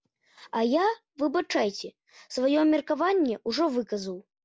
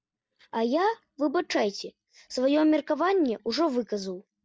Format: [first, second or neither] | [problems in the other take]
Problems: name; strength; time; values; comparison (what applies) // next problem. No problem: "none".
first | noise reduction (neural mask model DeepFilterNet 3)